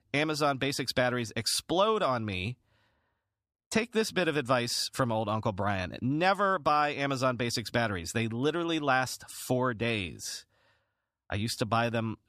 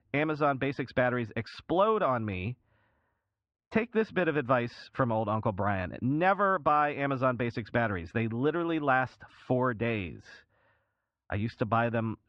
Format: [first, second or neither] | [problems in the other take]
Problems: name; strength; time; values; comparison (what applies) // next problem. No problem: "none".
first | muffled; very; fading above 2.5 kHz